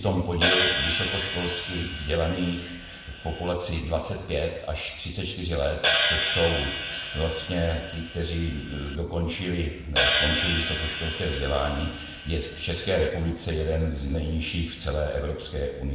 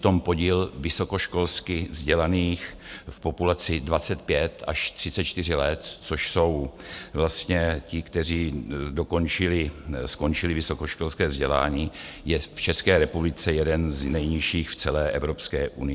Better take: second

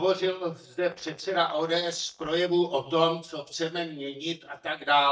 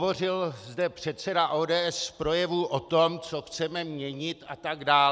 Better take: second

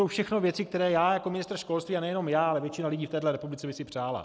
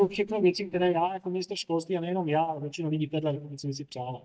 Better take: first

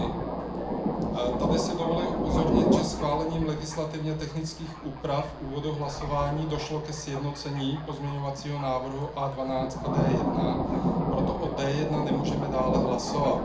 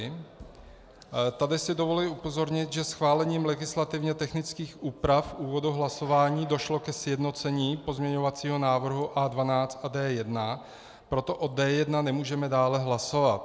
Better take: second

